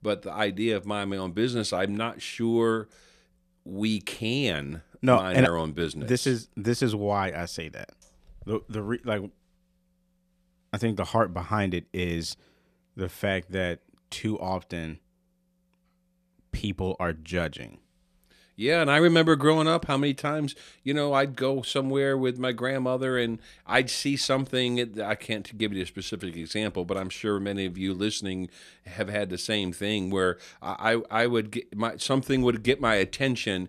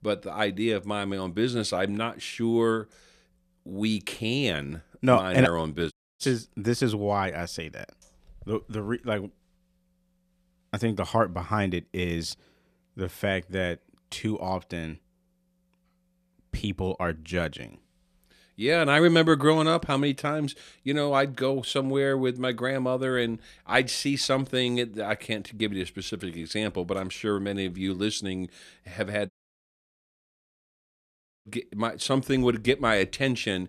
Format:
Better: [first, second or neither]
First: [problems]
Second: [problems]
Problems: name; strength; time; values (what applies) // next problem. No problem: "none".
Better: first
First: none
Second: audio cutting out; at 6 s and at 29 s for 2 s